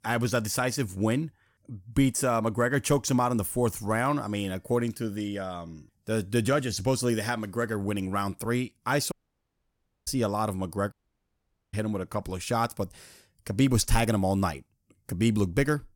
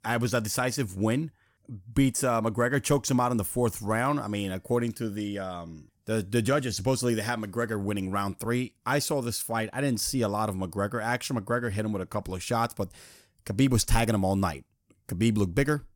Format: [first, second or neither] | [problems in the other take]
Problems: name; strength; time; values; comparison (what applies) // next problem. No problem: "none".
second | audio cutting out; at 9 s for 1 s and at 11 s for 1 s